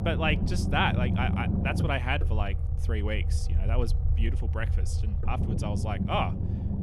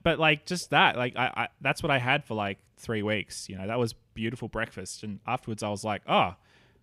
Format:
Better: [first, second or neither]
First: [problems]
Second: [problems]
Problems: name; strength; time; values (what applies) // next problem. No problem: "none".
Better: second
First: low rumble; loud; throughout; 10 dB below the speech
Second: none